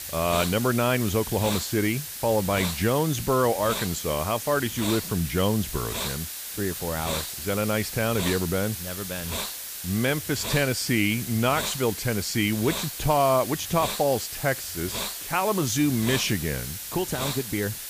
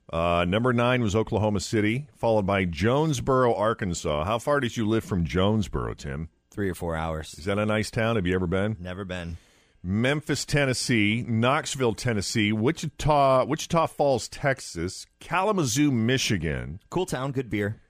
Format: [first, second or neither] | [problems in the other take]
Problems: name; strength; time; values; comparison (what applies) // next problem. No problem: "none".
second | hiss; loud; throughout; 6 dB below the speech